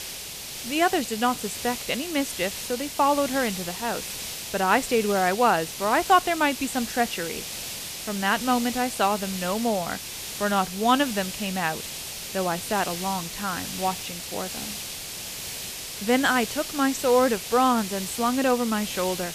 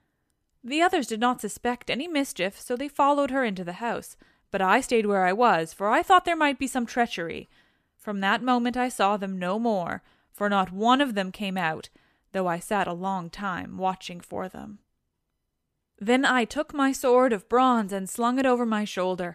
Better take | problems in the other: second | hiss; loud; throughout; 7 dB below the speech

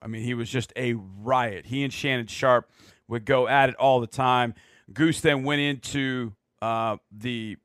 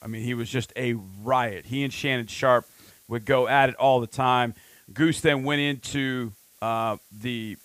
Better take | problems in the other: first | hiss; faint; throughout; 30 dB below the speech

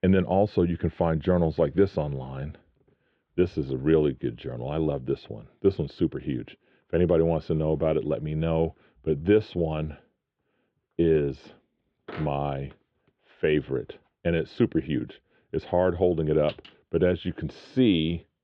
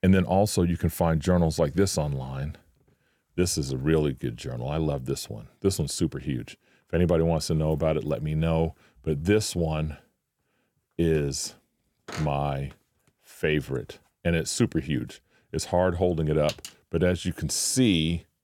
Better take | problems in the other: second | muffled; very; fading above 3.5 kHz

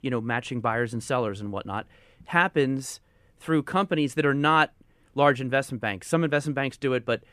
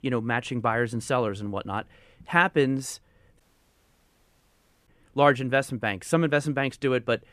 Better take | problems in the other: first | audio cutting out; at 3.5 s for 1.5 s

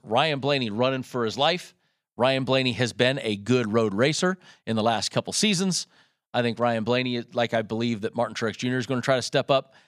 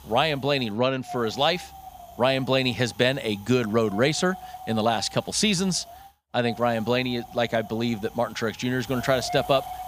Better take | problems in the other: first | wind noise on the microphone; occasional gusts; 15 dB below the speech

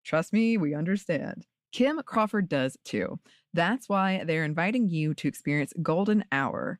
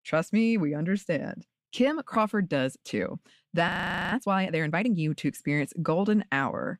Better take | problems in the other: first | audio freezing; at 3.5 s

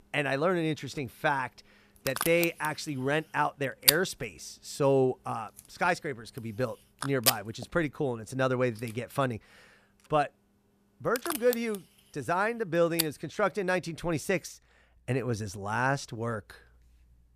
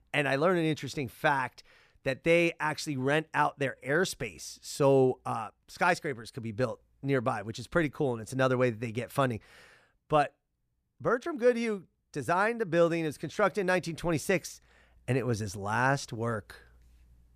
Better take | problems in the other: second | household noises; very loud; until 13 s; 1 dB above the speech

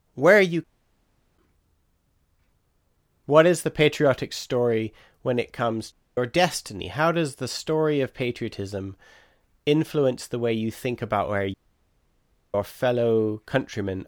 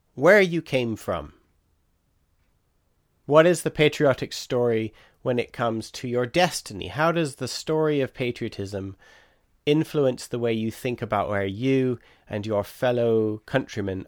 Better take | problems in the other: second | audio cutting out; at 0.5 s for 0.5 s, at 6 s and at 12 s for 1 s

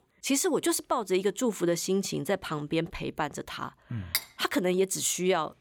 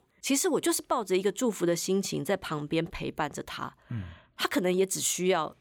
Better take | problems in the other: second | clattering dishes; noticeable; at 4 s; peak 3 dB below the speech

